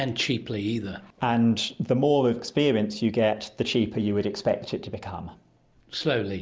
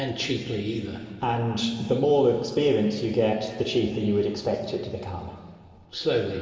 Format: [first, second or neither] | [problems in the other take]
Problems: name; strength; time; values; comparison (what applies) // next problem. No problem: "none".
first | room echo; dies away in 2.3 s